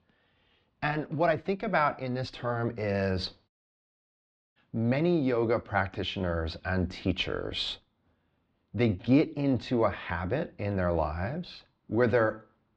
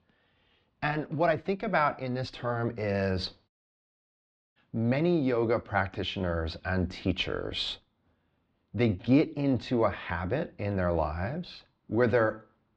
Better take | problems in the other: neither | muffled; very slightly; fading above 4 kHz; the same in both

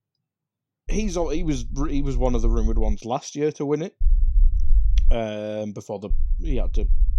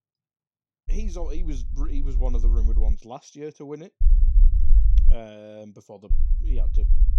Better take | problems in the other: first | low rumble; loud; from 1 to 3 s, from 4 to 5 s and from 6 s on; 8 dB below the speech; faint in the first

